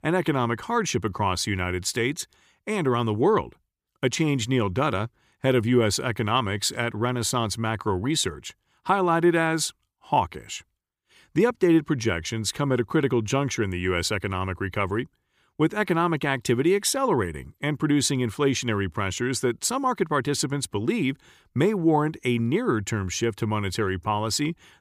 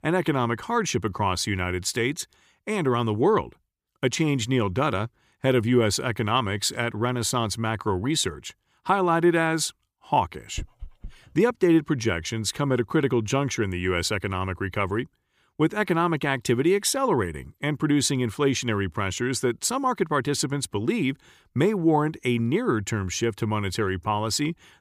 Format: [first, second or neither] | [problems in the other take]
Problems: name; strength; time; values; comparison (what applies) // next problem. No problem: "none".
first | dog barking; faint; at 11 s; peak 15 dB below the speech